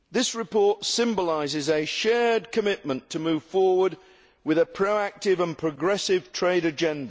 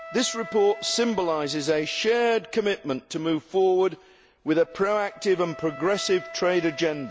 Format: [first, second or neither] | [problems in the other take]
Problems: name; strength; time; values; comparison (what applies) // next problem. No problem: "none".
first | background sound (Wind instrument, woodwind instrument); 18 dB below the speech